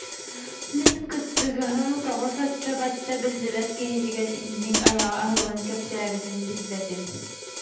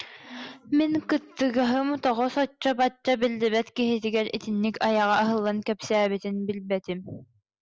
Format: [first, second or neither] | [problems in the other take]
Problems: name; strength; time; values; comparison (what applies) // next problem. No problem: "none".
second | background sound (Hi-hat); 2 dB below the speech // room echo; dies away in 0.8 s